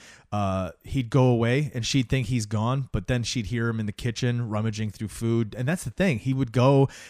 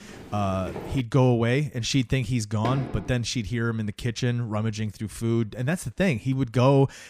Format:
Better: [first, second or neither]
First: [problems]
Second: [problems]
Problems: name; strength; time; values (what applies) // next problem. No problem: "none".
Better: first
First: none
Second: footsteps; faint; until 1 s; peak 10 dB below the speech // door banging; noticeable; at 2.5 s; peak 7 dB below the speech